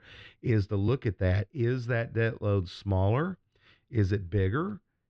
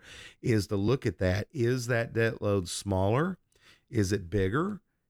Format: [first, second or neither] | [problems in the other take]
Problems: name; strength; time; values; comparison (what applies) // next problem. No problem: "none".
second | muffled; slightly; fading above 4 kHz